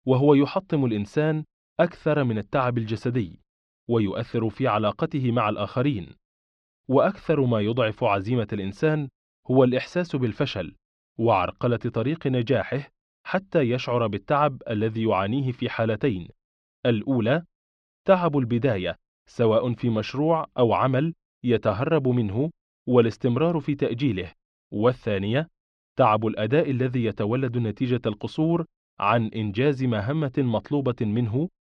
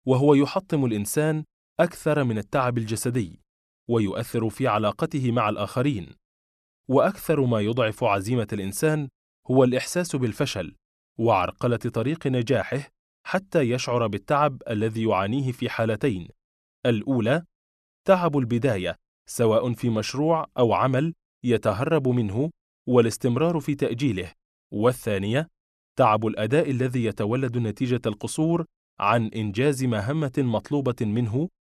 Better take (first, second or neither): second